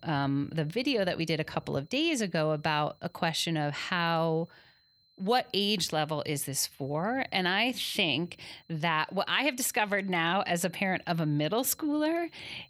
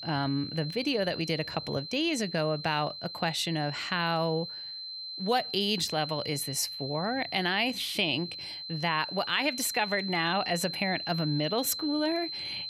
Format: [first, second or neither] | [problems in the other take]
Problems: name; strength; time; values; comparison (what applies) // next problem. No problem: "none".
first | high-pitched whine; loud; throughout; 4 kHz, 7 dB below the speech; faint in the first